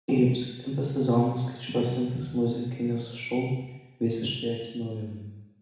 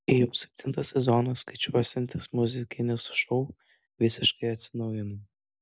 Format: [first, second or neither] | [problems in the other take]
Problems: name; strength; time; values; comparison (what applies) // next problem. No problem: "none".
second | room echo; dies away in 1.1 s